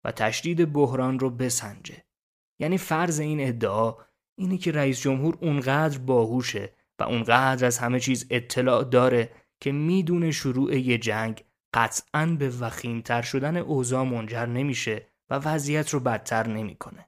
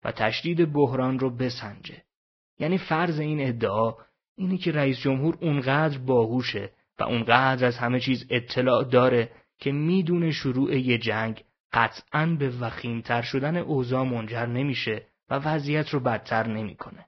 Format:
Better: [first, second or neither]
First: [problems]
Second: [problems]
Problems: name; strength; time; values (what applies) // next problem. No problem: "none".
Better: first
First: none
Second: garbled, watery; badly; nothing above 5.5 kHz